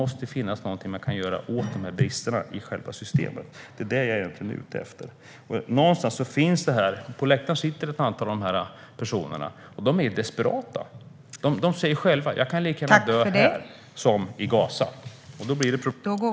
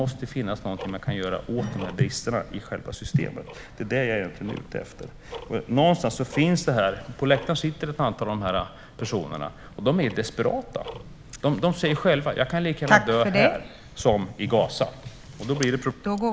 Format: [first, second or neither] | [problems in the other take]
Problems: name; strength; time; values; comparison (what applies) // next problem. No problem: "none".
first | background sound (Tick-tock); 17 dB below the speech